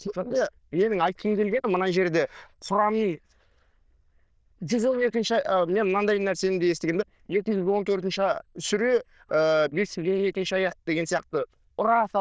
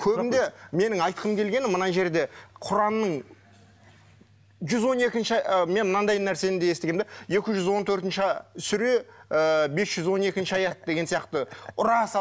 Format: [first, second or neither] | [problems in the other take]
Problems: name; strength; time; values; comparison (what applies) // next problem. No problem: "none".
second | noise reduction (neural diffusion model UNIVERSE++)